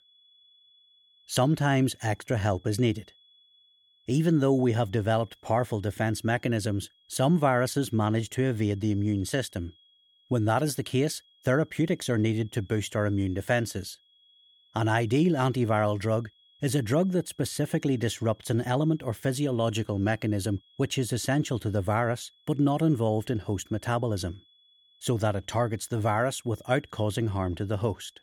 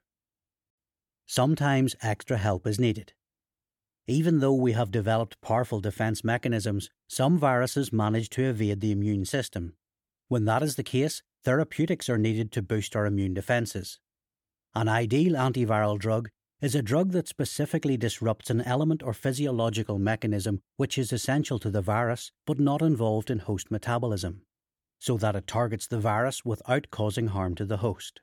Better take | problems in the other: second | high-pitched whine; faint; throughout; 3.5 kHz, 30 dB below the speech

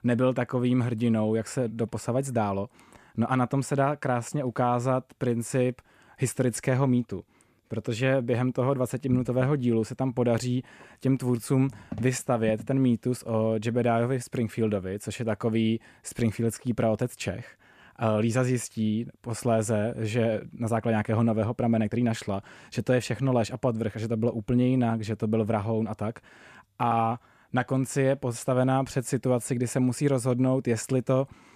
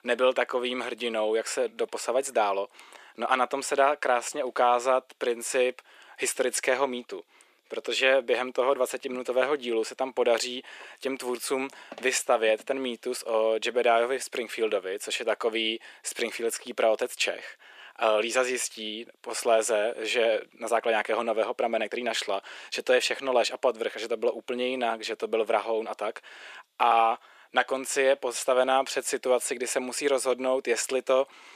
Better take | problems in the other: first | thin; very; fading below 400 Hz

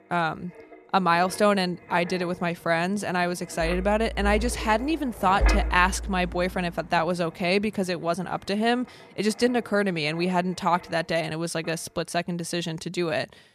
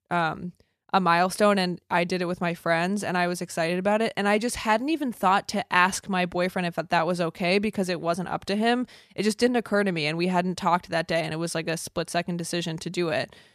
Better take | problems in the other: second | wind noise on the microphone; occasional gusts; 15 dB below the speech

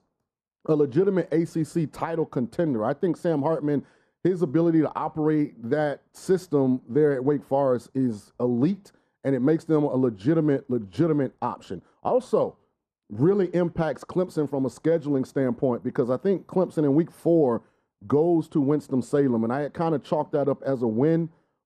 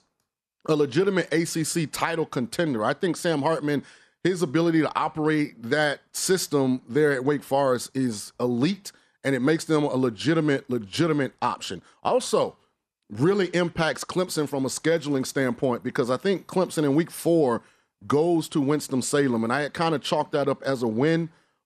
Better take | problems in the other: second | muffled; very; fading above 1.5 kHz

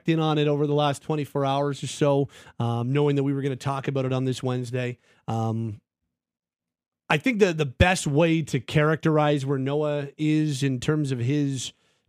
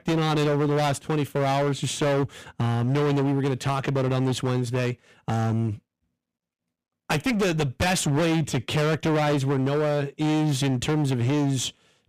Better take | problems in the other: first | distortion; heavy; 30% of the sound clipped

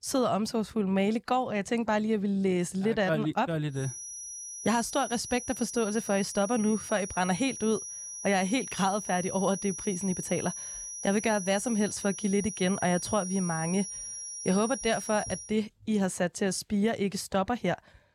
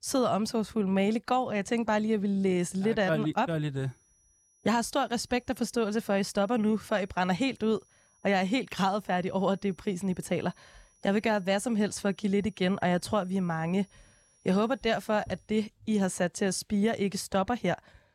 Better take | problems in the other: second | high-pitched whine; loud; from 4 to 15 s; 6 kHz, 8 dB below the speech; faint in the second

